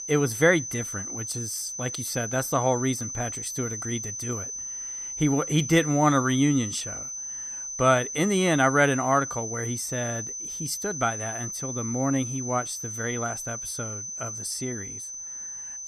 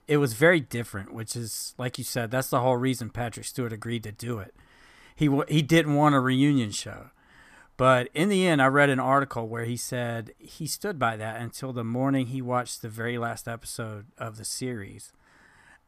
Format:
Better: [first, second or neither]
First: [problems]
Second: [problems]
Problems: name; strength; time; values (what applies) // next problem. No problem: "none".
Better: second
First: high-pitched whine; loud; throughout; 6 kHz, 6 dB below the speech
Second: none